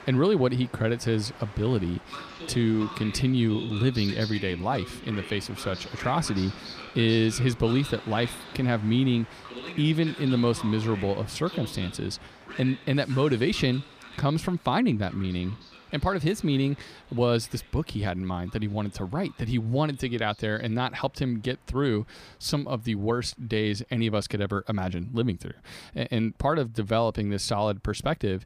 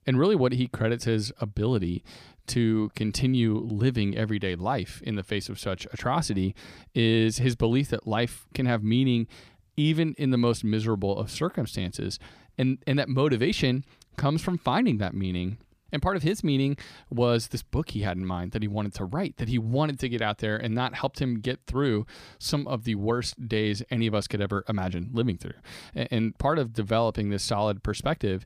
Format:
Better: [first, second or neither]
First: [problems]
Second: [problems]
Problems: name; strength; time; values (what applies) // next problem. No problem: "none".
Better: second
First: train or aircraft noise; noticeable; throughout; 15 dB below the speech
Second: none